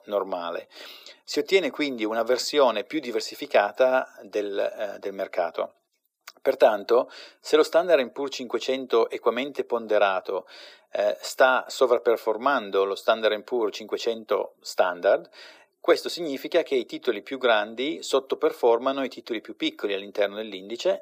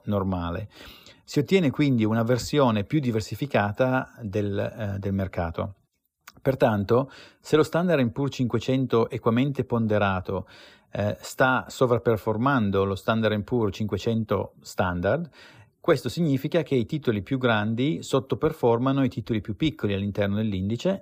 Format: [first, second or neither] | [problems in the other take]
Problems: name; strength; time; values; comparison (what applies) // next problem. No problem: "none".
second | thin; very; fading below 350 Hz